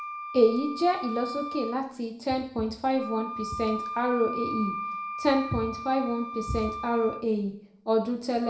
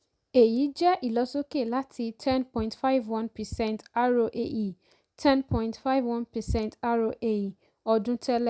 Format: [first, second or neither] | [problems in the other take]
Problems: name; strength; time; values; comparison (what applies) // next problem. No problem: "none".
second | background sound (Wind instrument, woodwind instrument); 9 dB below the speech // room echo; dies away in 0.6 s